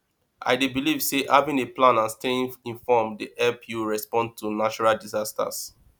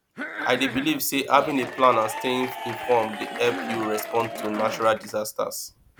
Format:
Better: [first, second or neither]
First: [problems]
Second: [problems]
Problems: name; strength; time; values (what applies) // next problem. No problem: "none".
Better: first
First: none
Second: background sound (Cough + Applause / Crowd / Cheering); 9 dB below the speech